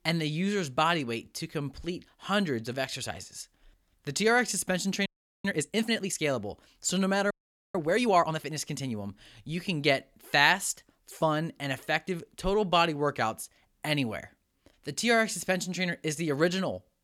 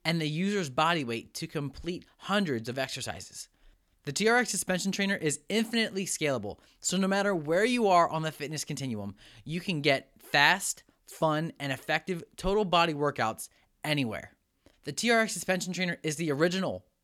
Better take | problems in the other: second | audio freezing; at 5 s and at 7.5 s

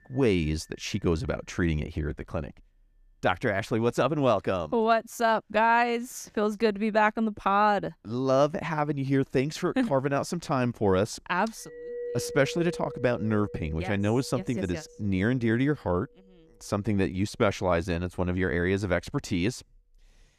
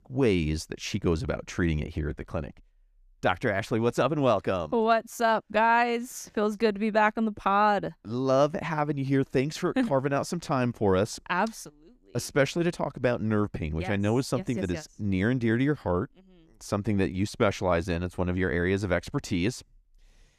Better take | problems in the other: second | background music; noticeable; throughout; 15 dB below the speech

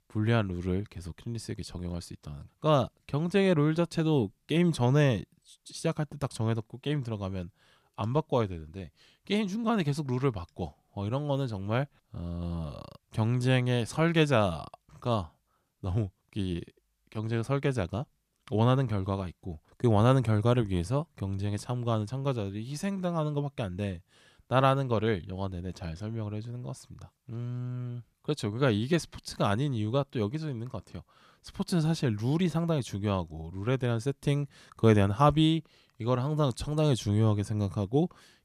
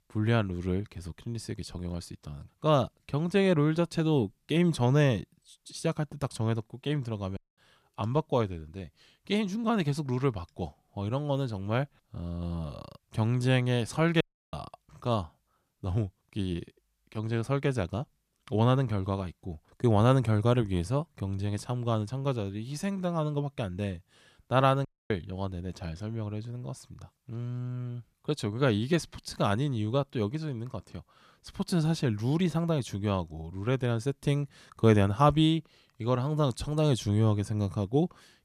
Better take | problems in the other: first | audio cutting out; at 7.5 s, at 14 s and at 25 s

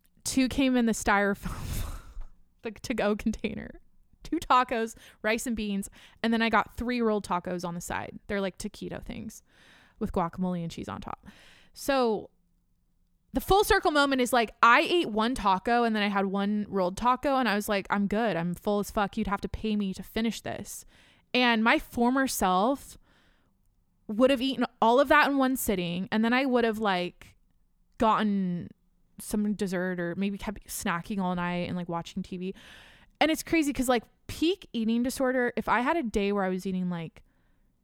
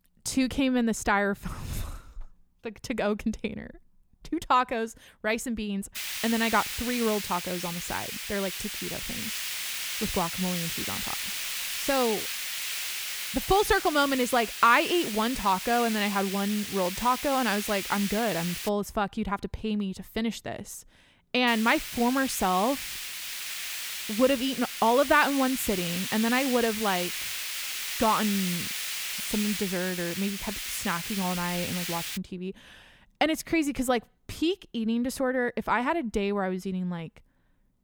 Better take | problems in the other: first | hiss; loud; from 6 to 19 s and from 21 to 32 s; 4 dB below the speech

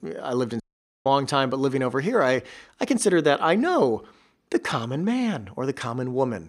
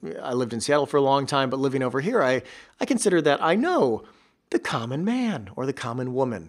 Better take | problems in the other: second | audio cutting out; at 0.5 s

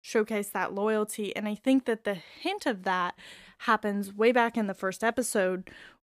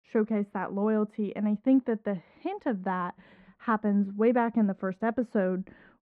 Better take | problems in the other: first | muffled; very; fading above 1.5 kHz

